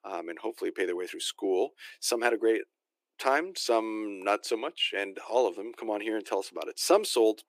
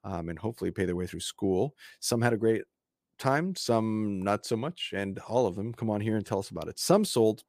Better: second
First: thin; very; fading below 300 Hz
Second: none

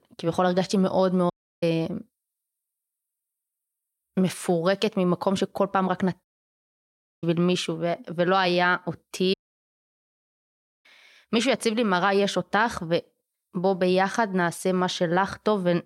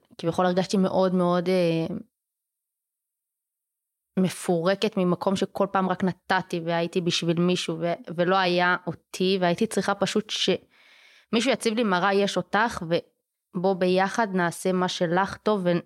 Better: second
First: audio cutting out; at 1.5 s, at 6 s for 1 s and at 9.5 s for 1.5 s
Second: none

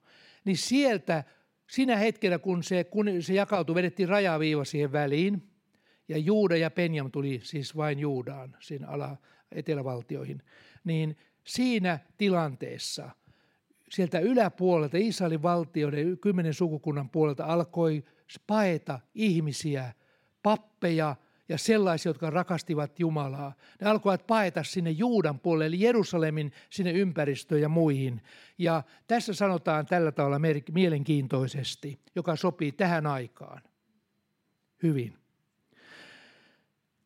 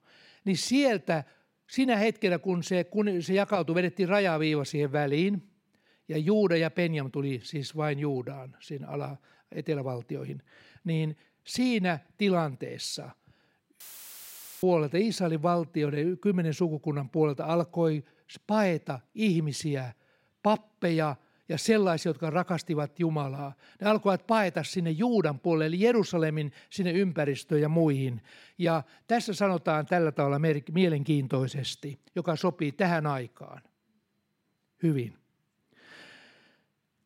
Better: first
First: none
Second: audio cutting out; filled with static; at 14 s for 1 s

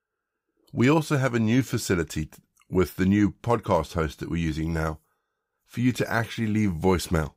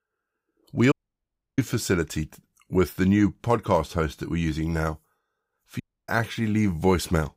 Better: first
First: none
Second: audio cutting out; at 1 s for 0.5 s and at 6 s

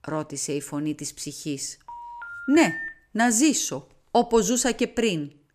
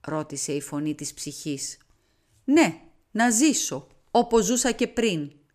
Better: second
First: phone ringing; noticeable; from 2 to 3 s; peak 7 dB below the speech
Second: none

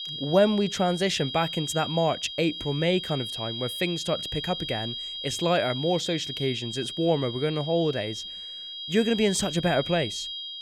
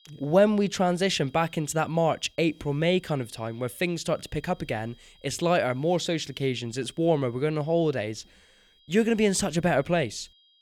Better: second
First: high-pitched whine; loud; throughout; 3 kHz, 6 dB below the speech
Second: high-pitched whine; faint; throughout; 3 kHz, 30 dB below the speech

